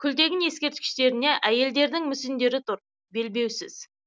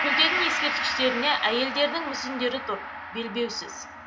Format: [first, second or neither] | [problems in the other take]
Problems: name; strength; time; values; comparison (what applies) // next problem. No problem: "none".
first | background sound (Gong); 2 dB below the speech // room echo; dies away in 0.5 s